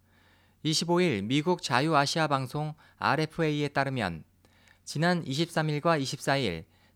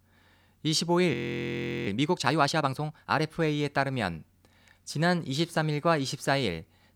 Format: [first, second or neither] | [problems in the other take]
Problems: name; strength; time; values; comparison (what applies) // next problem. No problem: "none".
first | audio freezing; at 1 s for 0.5 s